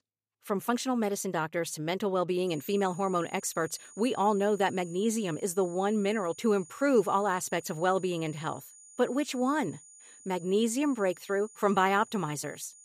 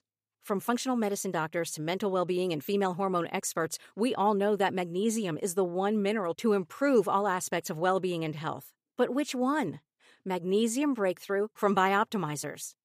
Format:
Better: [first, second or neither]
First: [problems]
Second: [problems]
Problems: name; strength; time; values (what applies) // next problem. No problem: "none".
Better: second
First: high-pitched whine; faint; from 2.5 s on; 7 kHz, 20 dB below the speech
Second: none